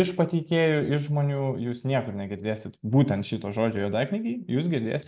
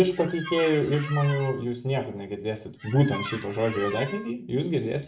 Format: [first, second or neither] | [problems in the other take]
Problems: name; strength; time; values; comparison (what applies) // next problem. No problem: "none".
first | background sound (Squeak); 12 dB below the speech // room echo; dies away in 0.3 s